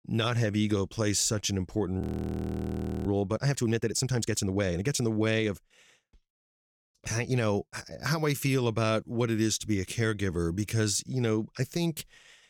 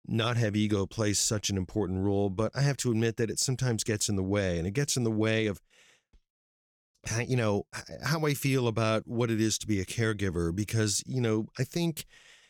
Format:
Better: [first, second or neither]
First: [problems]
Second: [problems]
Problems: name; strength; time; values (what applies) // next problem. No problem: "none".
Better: second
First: audio freezing; at 2 s for 1 s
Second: none